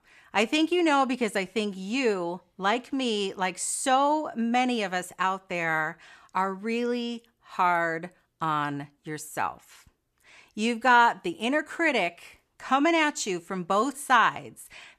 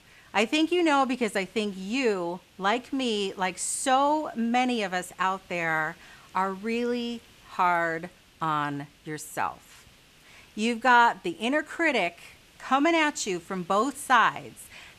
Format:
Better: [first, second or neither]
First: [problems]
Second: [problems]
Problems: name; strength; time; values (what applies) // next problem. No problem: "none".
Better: first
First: none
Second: hiss; faint; throughout; 30 dB below the speech